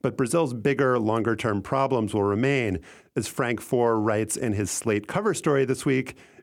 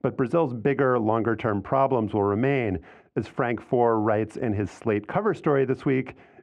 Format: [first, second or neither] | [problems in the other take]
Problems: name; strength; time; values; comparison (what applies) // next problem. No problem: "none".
first | muffled; very; fading above 2 kHz